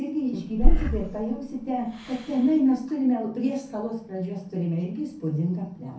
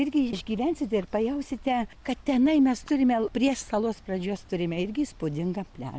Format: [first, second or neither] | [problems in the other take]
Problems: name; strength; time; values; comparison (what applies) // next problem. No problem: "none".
second | background sound (Breathing); 3 dB above the speech // room echo; dies away in 0.5 s